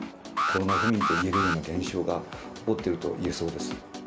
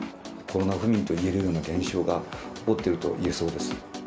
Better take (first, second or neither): second